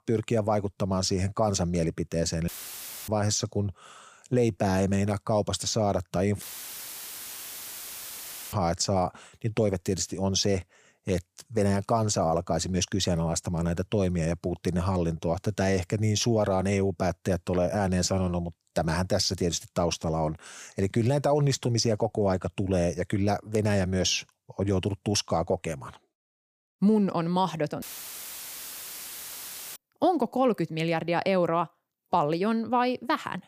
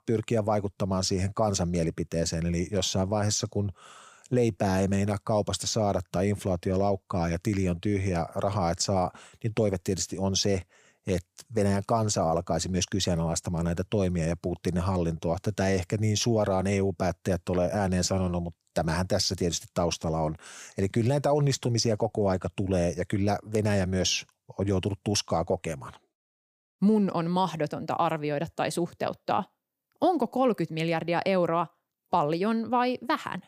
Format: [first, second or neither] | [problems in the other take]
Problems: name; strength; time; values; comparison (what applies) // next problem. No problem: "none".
second | audio cutting out; filled with static; at 2.5 s for 0.5 s, at 6.5 s for 2 s and at 28 s for 2 s